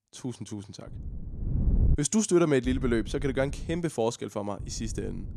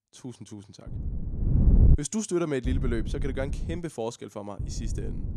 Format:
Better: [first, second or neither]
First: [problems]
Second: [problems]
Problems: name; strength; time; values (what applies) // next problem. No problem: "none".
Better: first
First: wind noise on the microphone; occasional gusts; from 1 to 2 s, from 2.5 to 4 s and at 4.5 s; 15 dB below the speech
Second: wind noise on the microphone; heavy; from 1 to 2 s, from 2.5 to 4 s and at 4.5 s; 7 dB below the speech